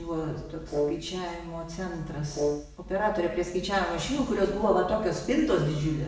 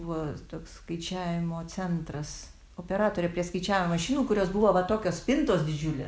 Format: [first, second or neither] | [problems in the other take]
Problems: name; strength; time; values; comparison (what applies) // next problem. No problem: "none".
second | background sound (Brass instrument); 5 dB below the speech // room echo; dies away in 0.9 s